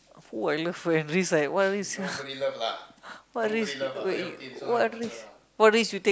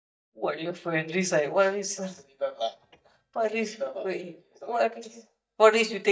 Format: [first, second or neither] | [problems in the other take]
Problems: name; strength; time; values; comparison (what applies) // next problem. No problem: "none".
first | noise reduction (neural mask model DeepFilterNet 3)